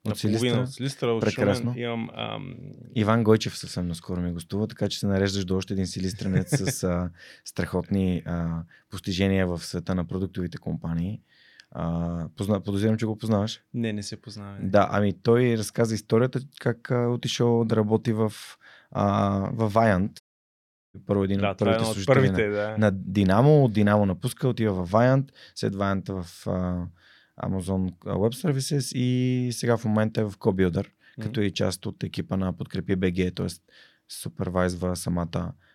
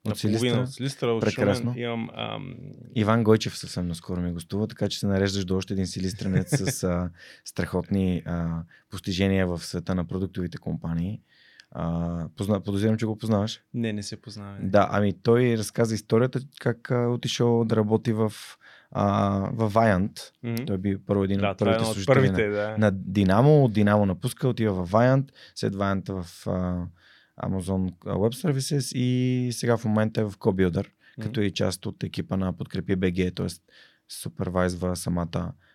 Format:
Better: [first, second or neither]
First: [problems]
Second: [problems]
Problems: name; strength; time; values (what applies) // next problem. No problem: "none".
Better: second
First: audio cutting out; at 20 s for 0.5 s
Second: none